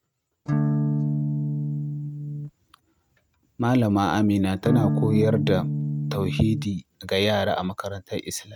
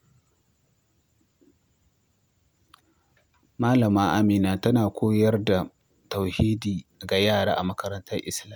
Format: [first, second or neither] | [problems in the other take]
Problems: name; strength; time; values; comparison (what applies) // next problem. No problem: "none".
second | noise reduction (neural mask model RNNoise)